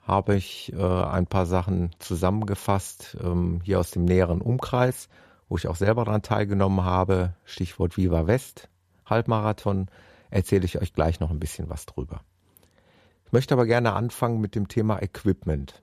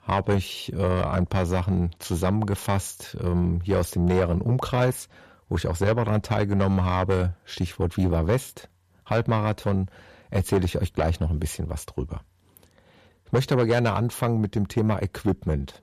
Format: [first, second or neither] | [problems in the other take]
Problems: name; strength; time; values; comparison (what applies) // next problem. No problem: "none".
first | distortion; slight; 10 dB below the speech